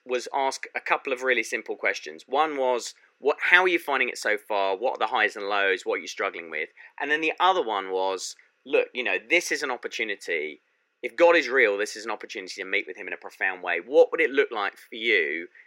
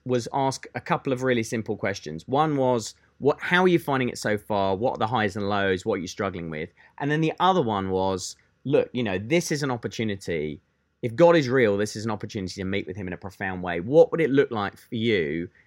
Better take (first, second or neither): second